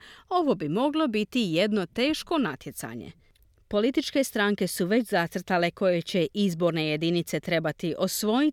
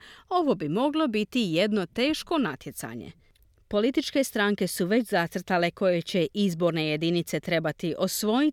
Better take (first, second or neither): neither